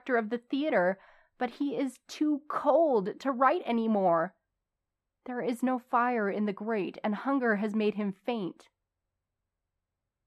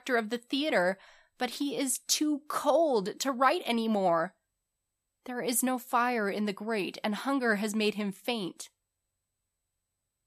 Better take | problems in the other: second | muffled; very; fading above 3.5 kHz

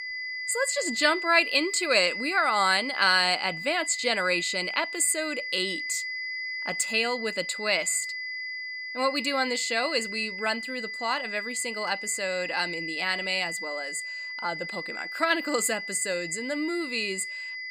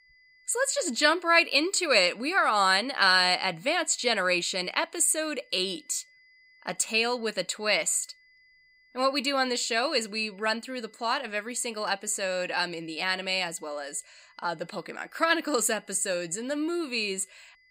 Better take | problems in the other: second | high-pitched whine; loud; throughout; 2 kHz, 6 dB below the speech; faint in the second

